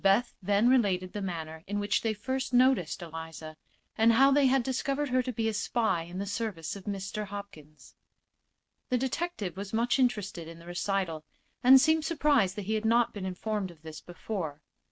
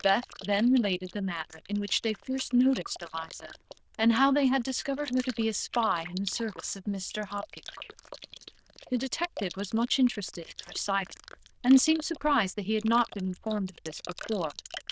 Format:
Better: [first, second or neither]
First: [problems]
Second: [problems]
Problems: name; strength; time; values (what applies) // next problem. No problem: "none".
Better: first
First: none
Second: noise reduction (neural diffusion model UNIVERSE++)